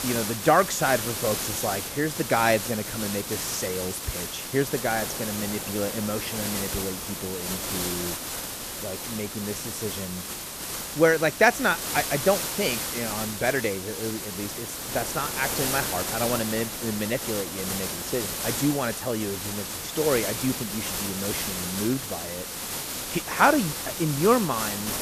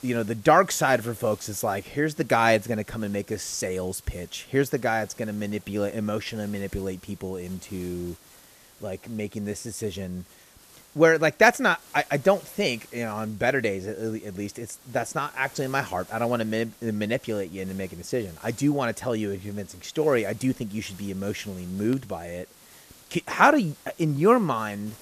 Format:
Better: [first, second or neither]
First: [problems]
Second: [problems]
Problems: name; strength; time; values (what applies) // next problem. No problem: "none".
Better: second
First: hiss; loud; throughout; 3 dB below the speech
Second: hiss; faint; throughout; 25 dB below the speech